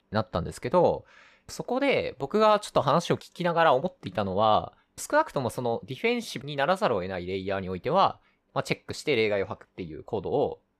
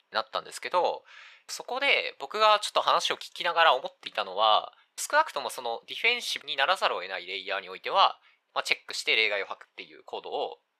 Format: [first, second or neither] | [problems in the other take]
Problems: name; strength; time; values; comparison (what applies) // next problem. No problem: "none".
first | thin; very; fading below 850 Hz